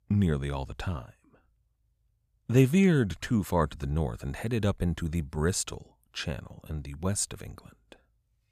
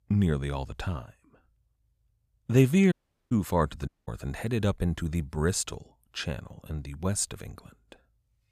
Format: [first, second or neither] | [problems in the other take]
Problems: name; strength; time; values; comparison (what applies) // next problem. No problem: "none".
first | audio cutting out; at 3 s and at 4 s